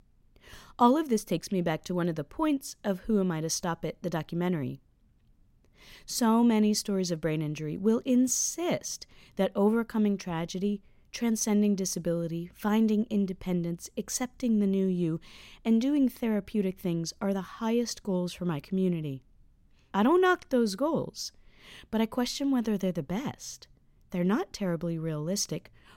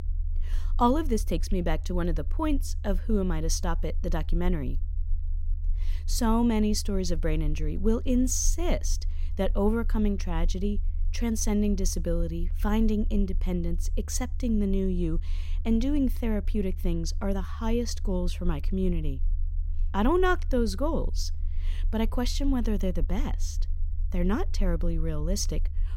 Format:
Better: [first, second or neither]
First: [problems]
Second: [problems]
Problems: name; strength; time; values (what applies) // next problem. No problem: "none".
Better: first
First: none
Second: low rumble; faint; throughout; 25 dB below the speech